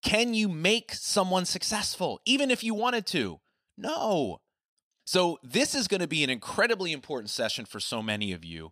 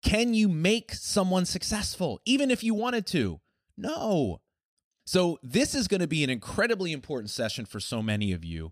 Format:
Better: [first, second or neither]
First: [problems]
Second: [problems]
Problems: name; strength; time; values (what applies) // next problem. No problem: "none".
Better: second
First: thin; very slightly; fading below 650 Hz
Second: none